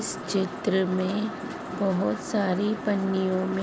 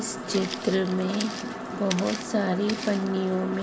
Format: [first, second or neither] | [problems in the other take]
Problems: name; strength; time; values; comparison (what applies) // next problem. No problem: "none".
first | background sound (Walk, footsteps); 13 dB below the speech // room echo; dies away in 1.4 s